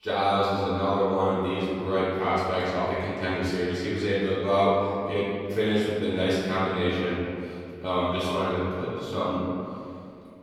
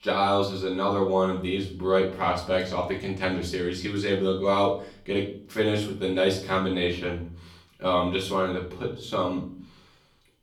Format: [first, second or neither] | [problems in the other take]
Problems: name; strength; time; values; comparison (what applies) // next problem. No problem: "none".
second | room echo; strong; dies away in 2.3 s; slight in the second // off-mic speech; far; far in the second